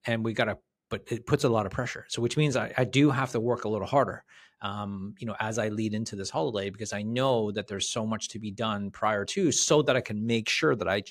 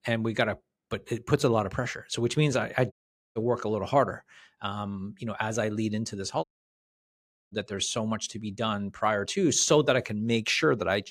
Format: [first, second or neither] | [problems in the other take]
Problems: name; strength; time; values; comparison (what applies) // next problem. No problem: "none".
first | audio cutting out; at 3 s and at 6.5 s for 1 s